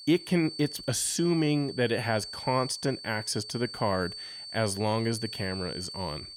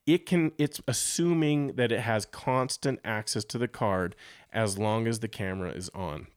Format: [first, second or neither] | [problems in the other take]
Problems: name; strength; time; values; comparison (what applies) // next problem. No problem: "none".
second | high-pitched whine; loud; throughout; 4.5 kHz, 10 dB below the speech